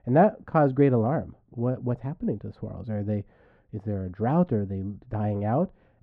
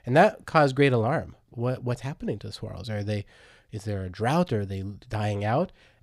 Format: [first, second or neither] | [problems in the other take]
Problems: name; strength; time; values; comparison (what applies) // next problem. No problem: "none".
second | muffled; very; fading above 3 kHz